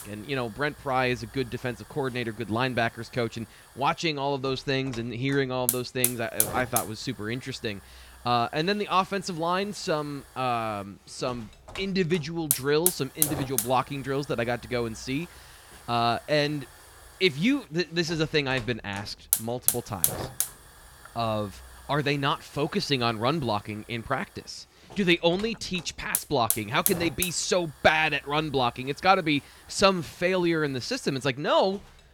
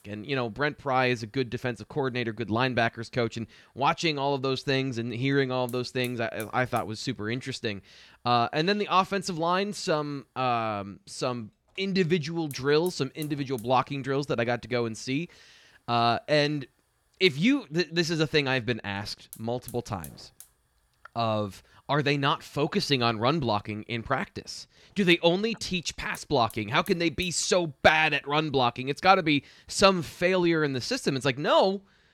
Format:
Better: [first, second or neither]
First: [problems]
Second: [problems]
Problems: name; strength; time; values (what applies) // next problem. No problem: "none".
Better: second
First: hiss; loud; throughout; 1 dB below the speech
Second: hiss; faint; throughout; 25 dB below the speech